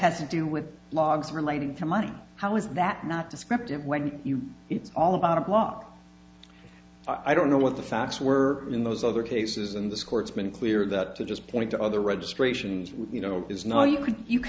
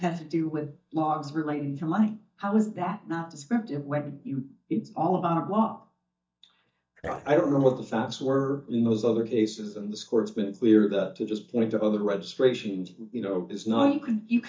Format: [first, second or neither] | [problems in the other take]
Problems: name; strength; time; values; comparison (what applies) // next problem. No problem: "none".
first | noise reduction (neural mask model DeepFilterNet 3)